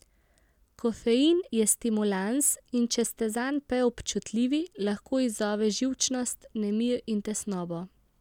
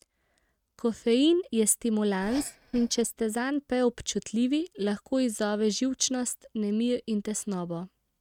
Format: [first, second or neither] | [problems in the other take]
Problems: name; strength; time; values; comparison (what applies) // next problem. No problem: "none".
first | noise reduction (neural mask model RNNoise)